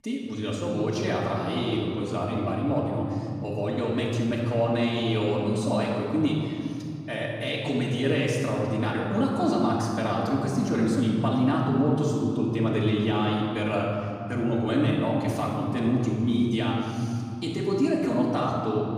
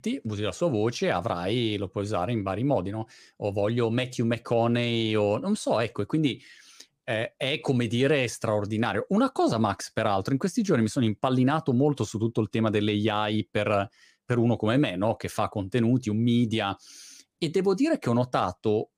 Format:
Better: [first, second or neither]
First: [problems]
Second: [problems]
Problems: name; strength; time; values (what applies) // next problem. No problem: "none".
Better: second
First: off-mic speech; far // room echo; noticeable; dies away in 3 s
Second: none